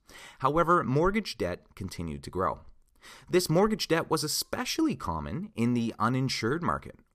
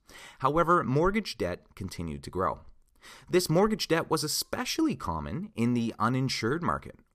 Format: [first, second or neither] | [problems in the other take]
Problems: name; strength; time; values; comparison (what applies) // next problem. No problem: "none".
neither | none